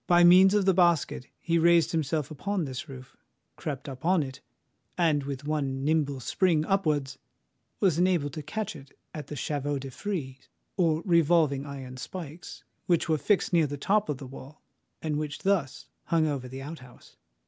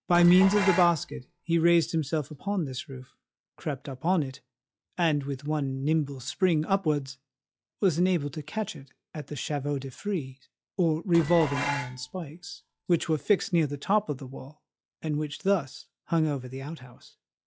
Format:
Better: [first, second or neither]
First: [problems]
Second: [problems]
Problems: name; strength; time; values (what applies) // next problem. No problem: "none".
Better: first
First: none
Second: noise reduction (classical method log-MMSE)